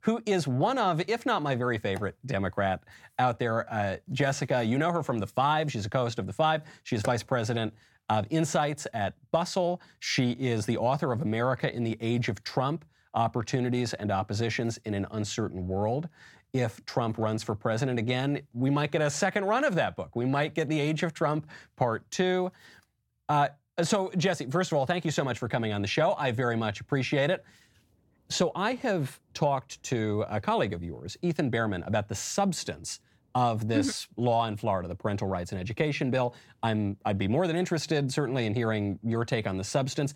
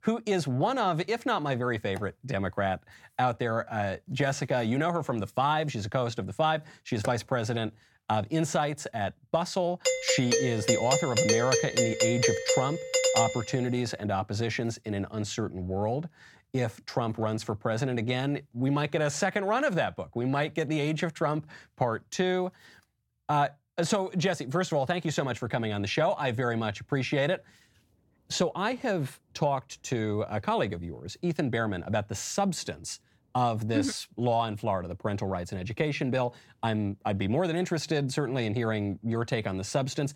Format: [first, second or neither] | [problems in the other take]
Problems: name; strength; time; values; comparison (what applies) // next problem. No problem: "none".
first | doorbell; loud; from 10 to 13 s; peak 5 dB above the speech